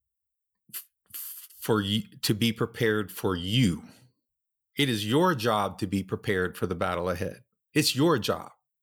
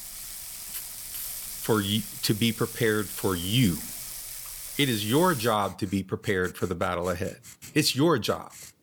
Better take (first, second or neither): first